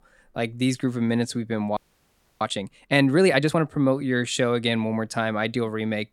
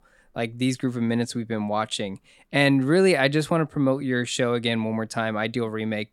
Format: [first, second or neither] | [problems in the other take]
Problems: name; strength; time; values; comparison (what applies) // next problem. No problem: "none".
second | audio freezing; at 2 s for 0.5 s